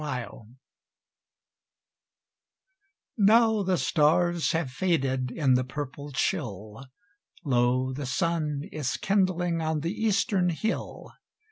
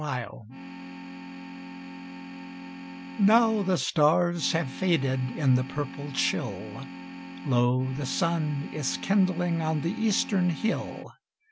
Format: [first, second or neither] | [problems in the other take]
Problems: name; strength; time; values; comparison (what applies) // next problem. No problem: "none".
first | background sound (Organ); 12 dB below the speech